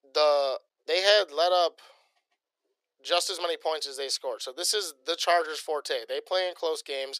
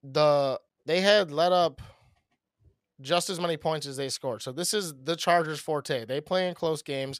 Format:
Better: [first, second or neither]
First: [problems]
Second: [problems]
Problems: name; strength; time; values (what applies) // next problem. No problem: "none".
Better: second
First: thin; very; fading below 400 Hz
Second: none